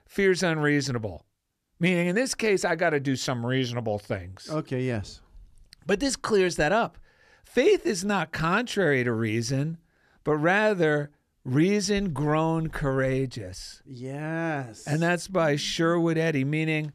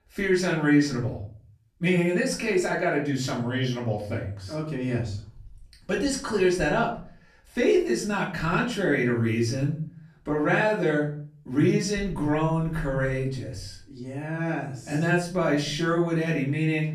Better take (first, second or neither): first